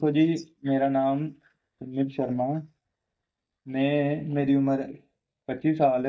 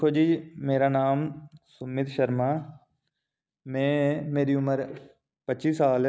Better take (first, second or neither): second